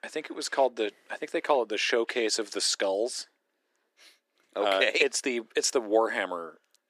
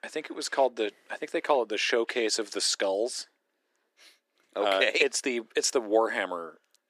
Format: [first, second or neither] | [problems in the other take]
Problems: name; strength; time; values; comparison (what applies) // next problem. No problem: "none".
neither | thin; very; fading below 350 Hz; the same in both